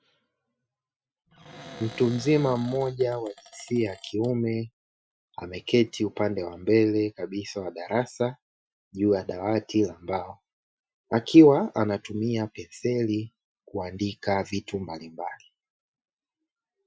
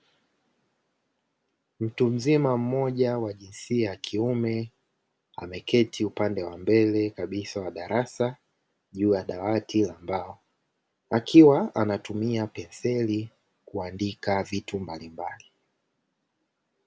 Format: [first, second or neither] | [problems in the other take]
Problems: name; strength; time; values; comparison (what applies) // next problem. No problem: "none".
second | noise reduction (classical method Wiener filter)